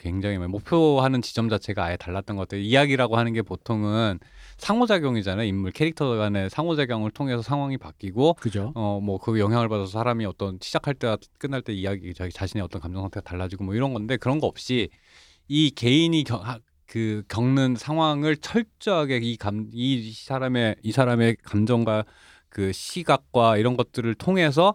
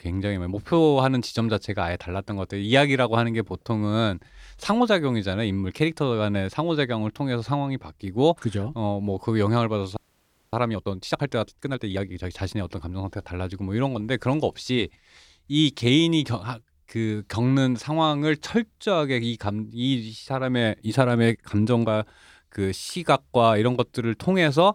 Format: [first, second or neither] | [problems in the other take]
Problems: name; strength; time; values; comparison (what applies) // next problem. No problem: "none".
first | audio freezing; at 10 s for 0.5 s